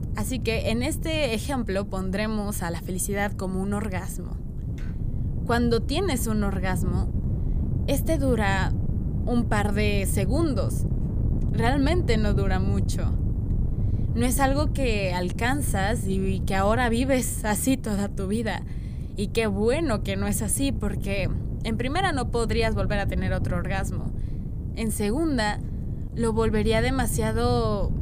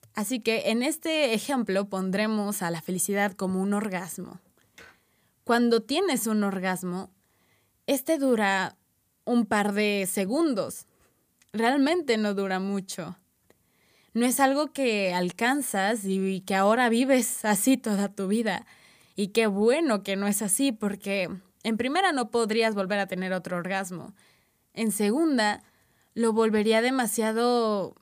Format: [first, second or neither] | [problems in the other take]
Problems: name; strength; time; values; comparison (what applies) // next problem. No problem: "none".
second | wind noise on the microphone; occasional gusts; 15 dB below the speech